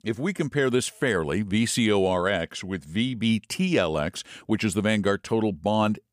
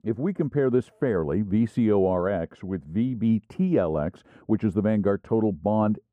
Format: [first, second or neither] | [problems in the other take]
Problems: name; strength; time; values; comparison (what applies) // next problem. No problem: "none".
first | muffled; very; fading above 1.5 kHz